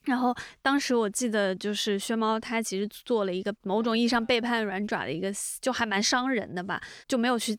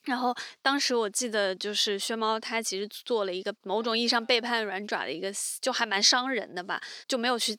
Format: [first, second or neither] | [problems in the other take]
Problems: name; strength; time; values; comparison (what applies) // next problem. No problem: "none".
first | thin; very slightly; fading below 350 Hz